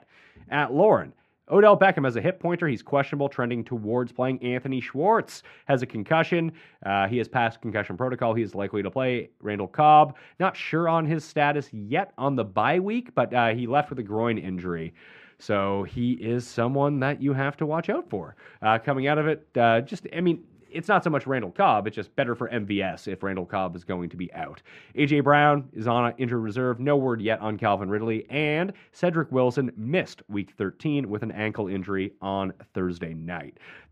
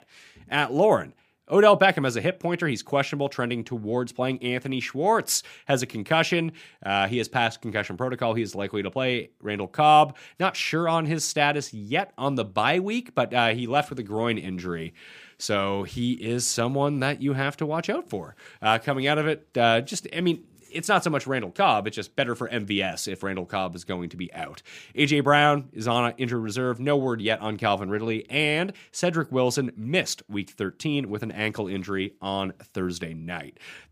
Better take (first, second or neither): second